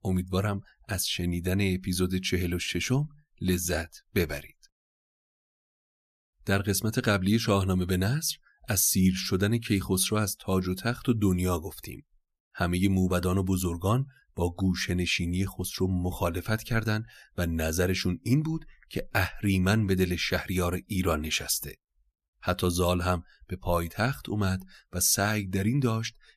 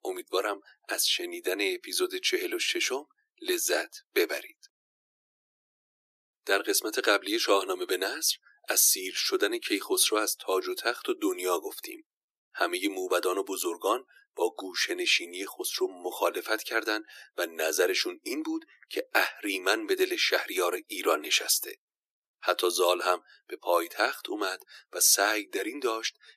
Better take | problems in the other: first | thin; very; fading below 300 Hz

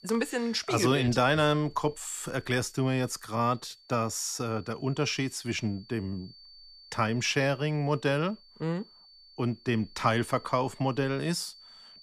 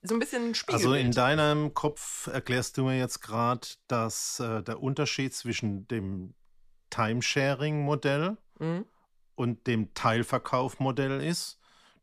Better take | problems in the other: second | high-pitched whine; faint; throughout; 4.5 kHz, 25 dB below the speech

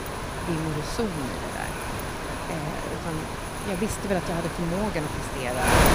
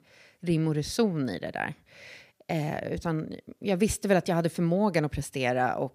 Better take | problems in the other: second | wind noise on the microphone; heavy; 2 dB above the speech

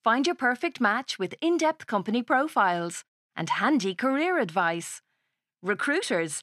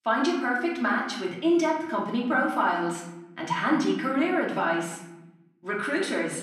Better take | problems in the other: first | off-mic speech; far // room echo; noticeable; dies away in 0.9 s

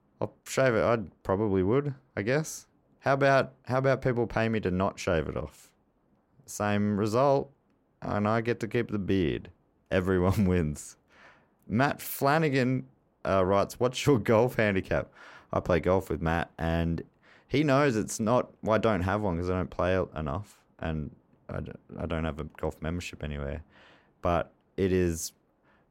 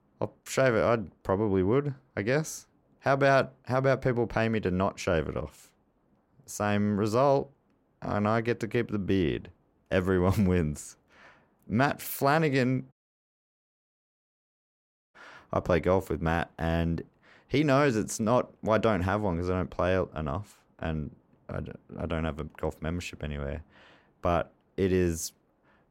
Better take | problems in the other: first | audio cutting out; at 13 s for 2 s

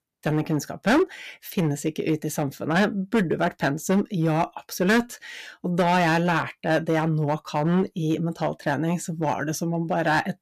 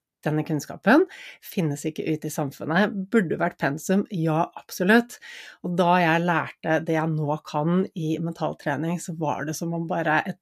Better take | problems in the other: second | distortion; slight; 5% of the sound clipped

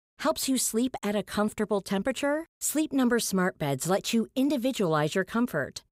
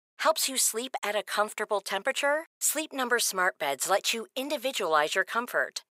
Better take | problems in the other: first | thin; very; fading below 750 Hz

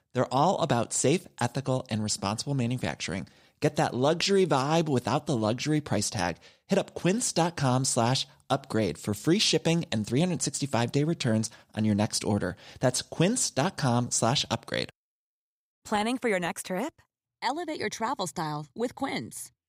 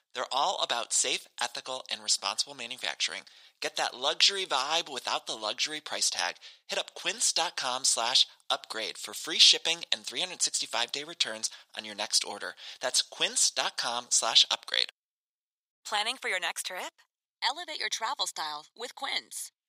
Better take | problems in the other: first | thin; very; fading below 900 Hz

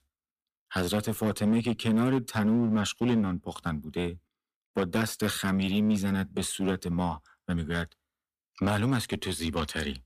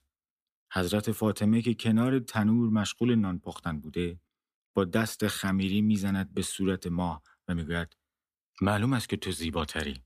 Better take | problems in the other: second | distortion; slight; 7% of the sound clipped

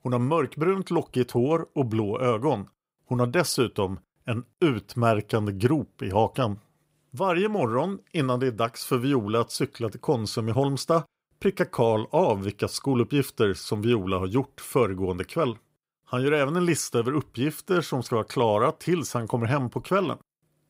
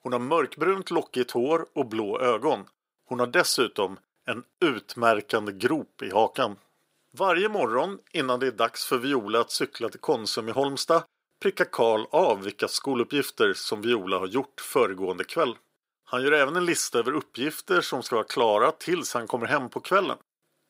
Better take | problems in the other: first | thin; somewhat; fading below 350 Hz

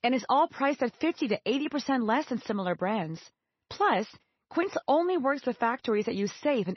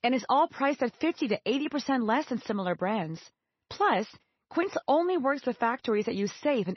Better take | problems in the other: neither | garbled, watery; slightly; nothing above 6 kHz; the same in both

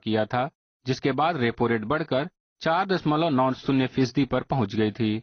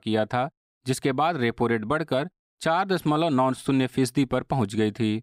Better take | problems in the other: second | garbled, watery; slightly; nothing above 6.5 kHz

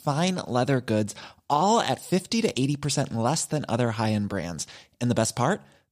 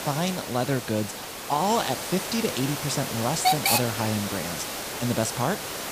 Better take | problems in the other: first | hiss; loud; throughout; 1 dB below the speech

